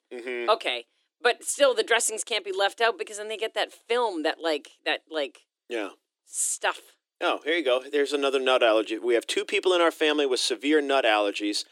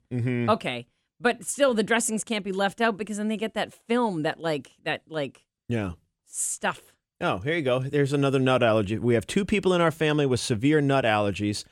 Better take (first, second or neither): second